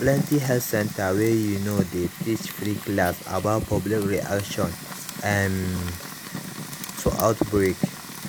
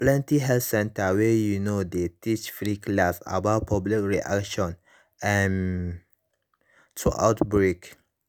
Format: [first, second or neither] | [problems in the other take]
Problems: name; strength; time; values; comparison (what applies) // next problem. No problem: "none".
second | background sound (Fire); 8 dB below the speech